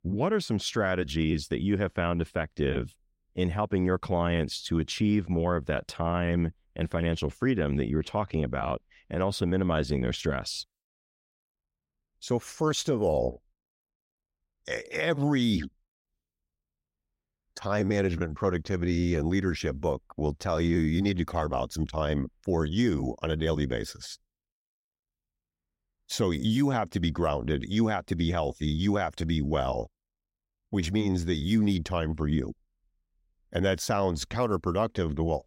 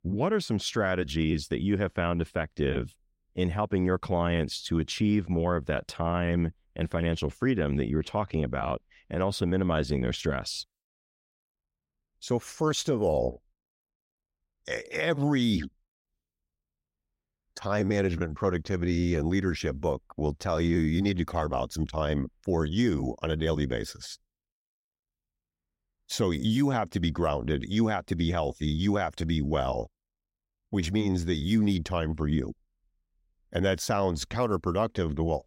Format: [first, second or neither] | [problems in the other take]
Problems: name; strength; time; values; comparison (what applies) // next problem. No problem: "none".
neither | none